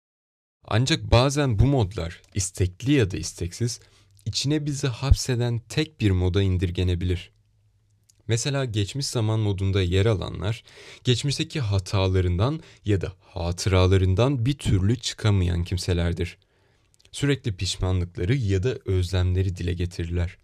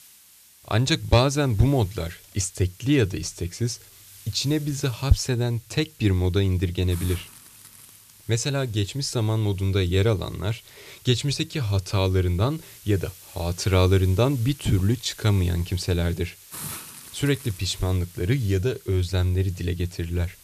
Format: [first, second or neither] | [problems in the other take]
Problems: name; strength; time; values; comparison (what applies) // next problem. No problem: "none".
first | hiss; noticeable; throughout; 20 dB below the speech